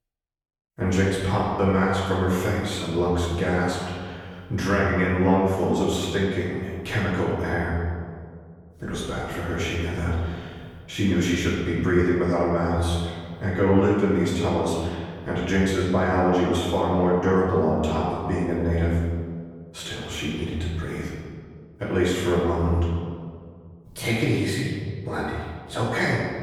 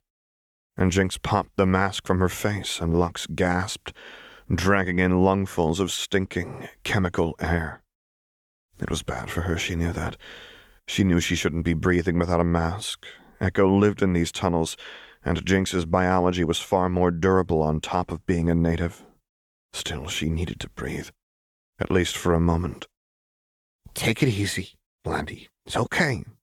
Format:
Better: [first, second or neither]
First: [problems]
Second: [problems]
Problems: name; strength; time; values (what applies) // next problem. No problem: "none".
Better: second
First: room echo; noticeable; dies away in 1.8 s // off-mic speech; far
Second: none